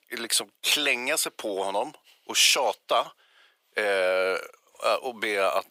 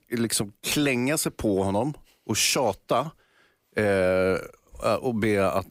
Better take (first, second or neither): second